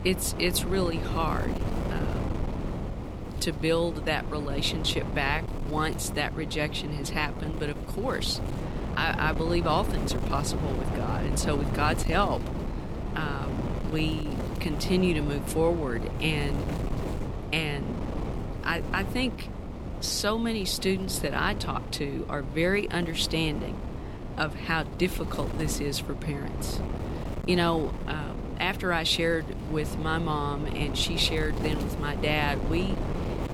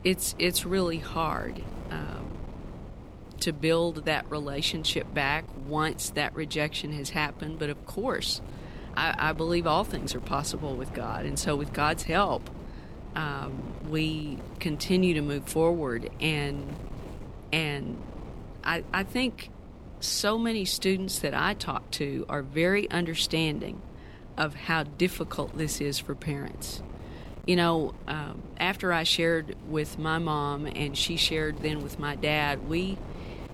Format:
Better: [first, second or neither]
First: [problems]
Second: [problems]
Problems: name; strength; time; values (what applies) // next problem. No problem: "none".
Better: second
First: wind noise on the microphone; heavy; 9 dB below the speech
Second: wind noise on the microphone; occasional gusts; 20 dB below the speech